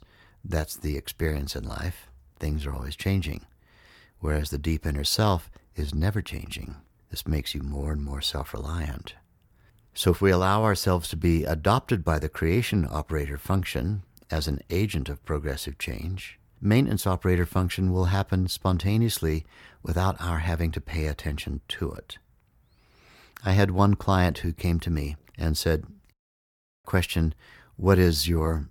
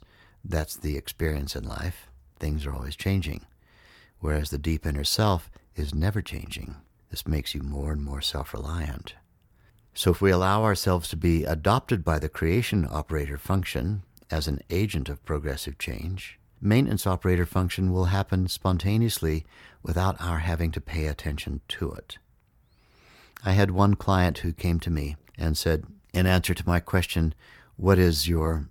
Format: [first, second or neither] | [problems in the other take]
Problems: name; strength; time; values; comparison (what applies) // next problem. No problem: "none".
second | audio cutting out; at 26 s for 0.5 s